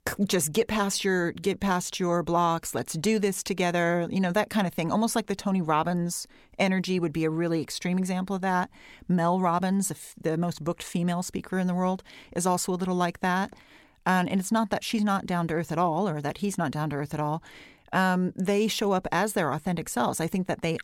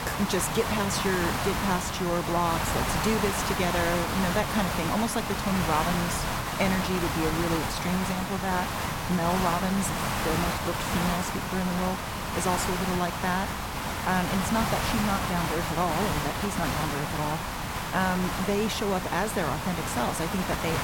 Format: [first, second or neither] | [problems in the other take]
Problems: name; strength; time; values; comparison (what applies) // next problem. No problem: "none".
first | hiss; loud; throughout; as loud as the speech